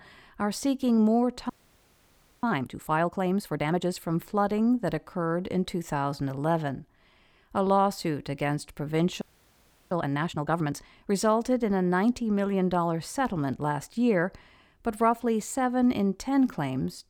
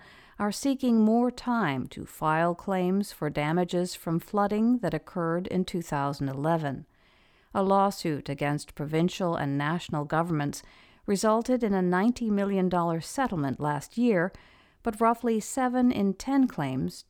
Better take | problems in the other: second | audio freezing; at 1.5 s for 1 s and at 9 s for 0.5 s

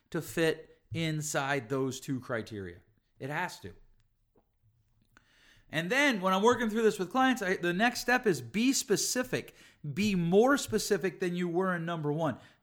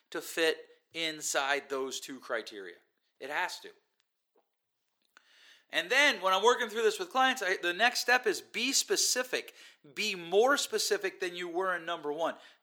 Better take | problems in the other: first | thin; somewhat; fading below 400 Hz

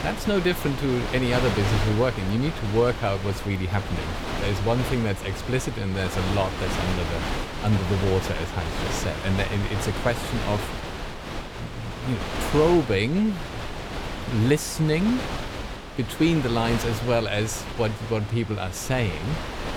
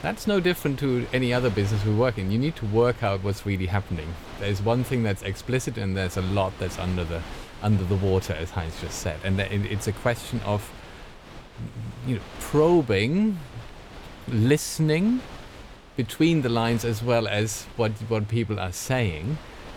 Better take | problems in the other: second | wind noise on the microphone; heavy; 4 dB below the speech; occasional gusts in the second

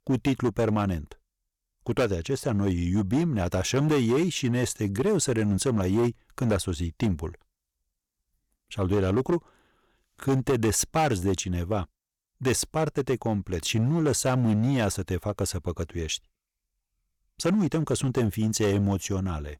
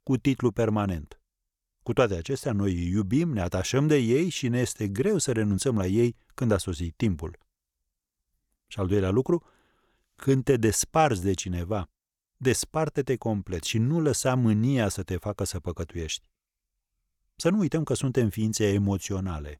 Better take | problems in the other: second | distortion; slight; 8% of the sound clipped

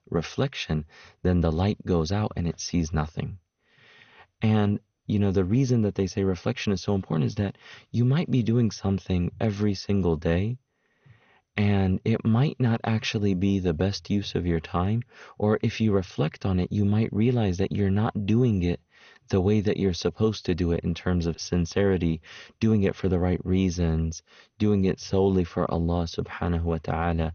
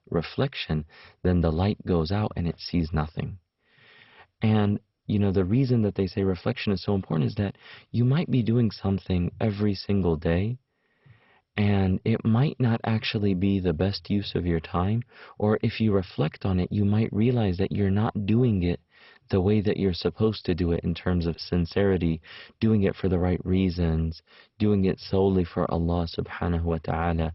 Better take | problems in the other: first | garbled, watery; badly; nothing above 5.5 kHz; slightly in the first

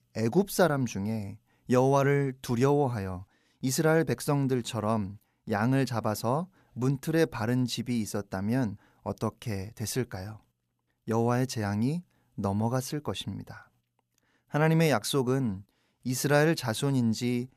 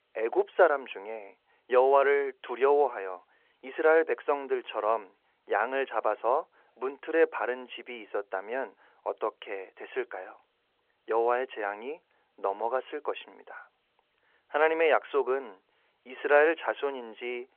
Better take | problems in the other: first | phone-call audio

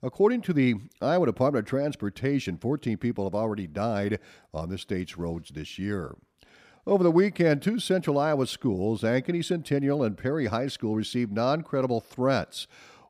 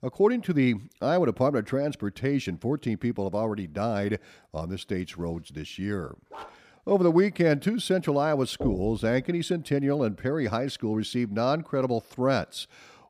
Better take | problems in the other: first | dog barking; faint; at 6.5 s; peak 15 dB below the speech // door banging; noticeable; at 8.5 s; peak 9 dB below the speech

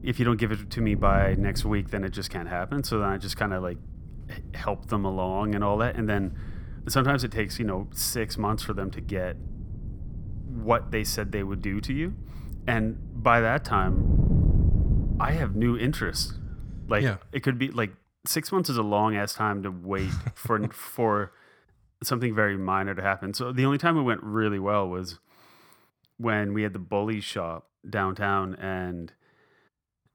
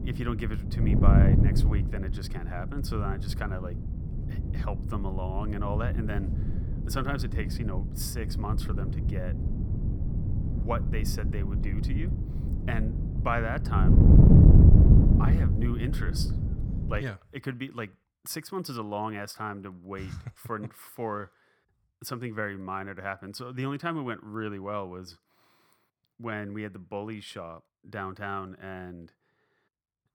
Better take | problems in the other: first | wind noise on the microphone; heavy; until 17 s; 1 dB below the speech; occasional gusts in the first

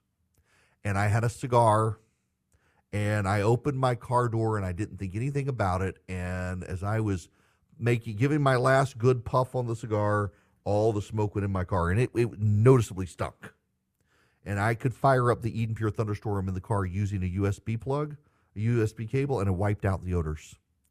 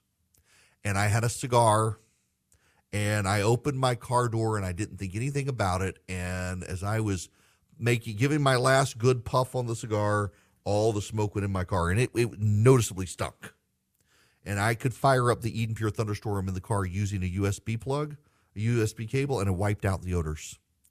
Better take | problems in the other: second | muffled; slightly; fading above 2.5 kHz

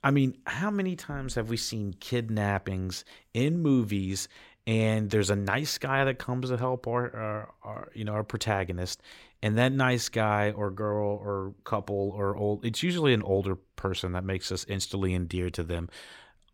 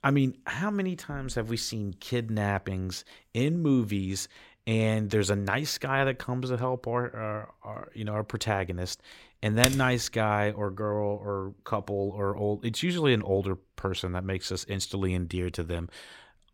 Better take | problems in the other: first | keyboard typing; loud; at 9.5 s; peak 3 dB above the speech

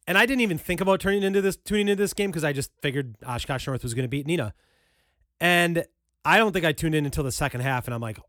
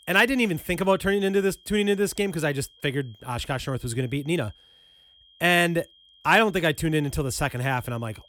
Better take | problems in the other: first | high-pitched whine; faint; throughout; 3 kHz, 30 dB below the speech

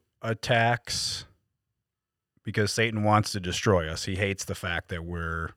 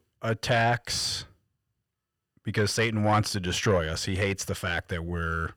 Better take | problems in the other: first | distortion; slight; 10 dB below the speech

